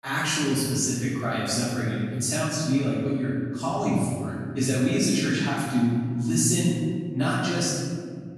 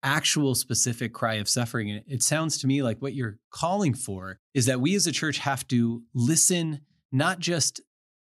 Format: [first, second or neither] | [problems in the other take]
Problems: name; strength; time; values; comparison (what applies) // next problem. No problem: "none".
second | room echo; strong; dies away in 2.3 s // off-mic speech; far